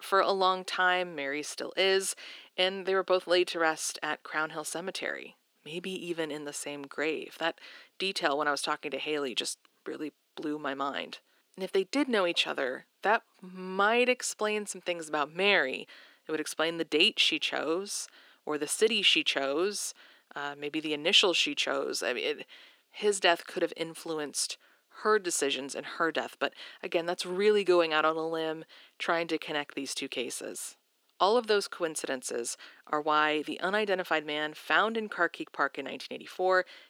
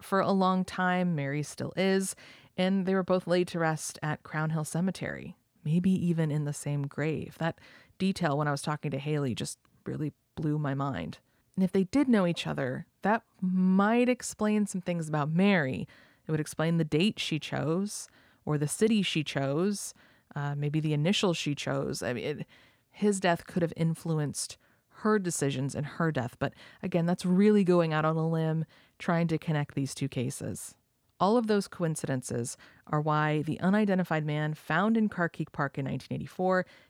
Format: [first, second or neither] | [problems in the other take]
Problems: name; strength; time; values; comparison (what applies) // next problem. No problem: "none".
second | thin; very; fading below 350 Hz